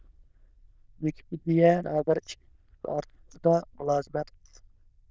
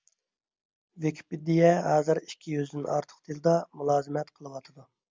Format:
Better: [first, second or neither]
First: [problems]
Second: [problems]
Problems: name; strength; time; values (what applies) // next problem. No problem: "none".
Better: second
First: noise reduction (neural diffusion model UNIVERSE++)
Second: none